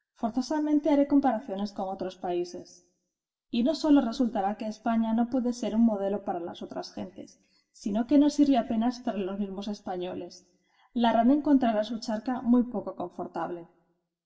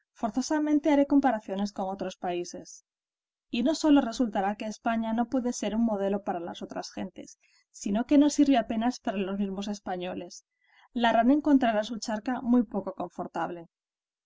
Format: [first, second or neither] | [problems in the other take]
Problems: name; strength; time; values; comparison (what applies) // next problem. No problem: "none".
second | room echo; dies away in 0.7 s